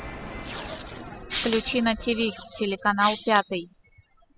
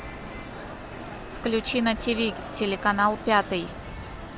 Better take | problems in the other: second | noise reduction (classical method spectral subtraction)

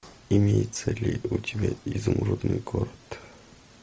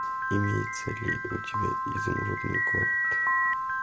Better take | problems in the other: first | background sound (Telephone + Piano); 4 dB above the speech

